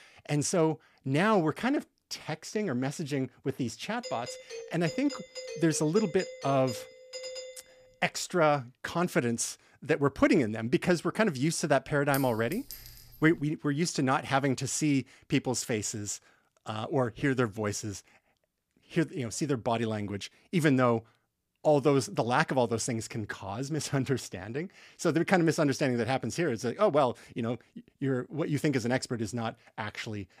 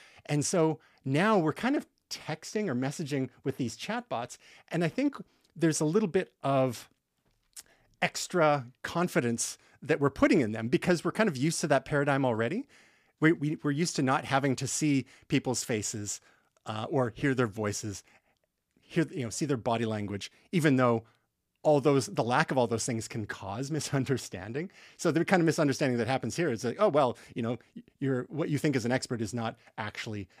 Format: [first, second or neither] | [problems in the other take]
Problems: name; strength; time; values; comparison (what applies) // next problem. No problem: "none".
second | doorbell; noticeable; from 4 to 7.5 s; peak 10 dB below the speech // clattering dishes; noticeable; from 12 to 13 s; peak 10 dB below the speech